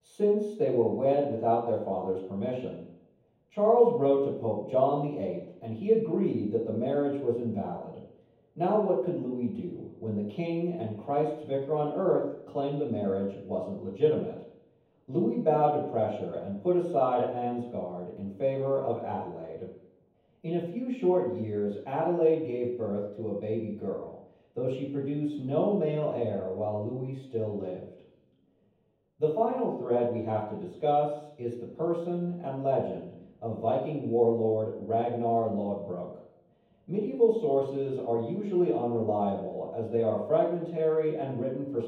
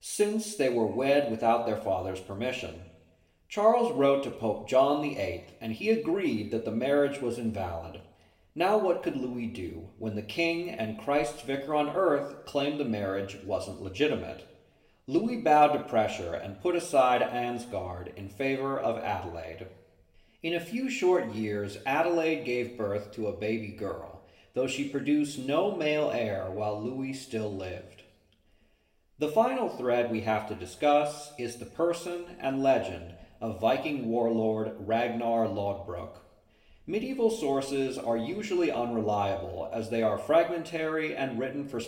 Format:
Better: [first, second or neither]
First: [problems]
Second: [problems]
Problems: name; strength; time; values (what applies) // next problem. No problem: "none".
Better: second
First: room echo; strong; dies away in 0.9 s // off-mic speech; far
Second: room echo; slight; dies away in 0.6 s // off-mic speech; somewhat distant